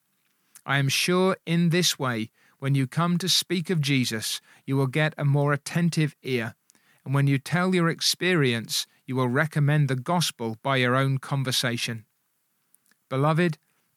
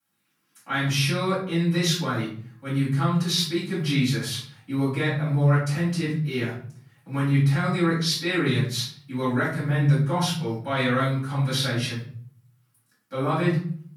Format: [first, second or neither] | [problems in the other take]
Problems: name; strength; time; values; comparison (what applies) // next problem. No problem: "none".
first | room echo; noticeable; dies away in 0.6 s // off-mic speech; far